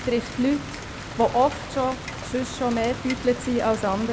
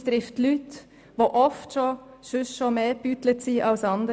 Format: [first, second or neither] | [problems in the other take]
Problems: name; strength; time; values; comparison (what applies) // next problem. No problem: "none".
second | background sound (Rain); 10 dB below the speech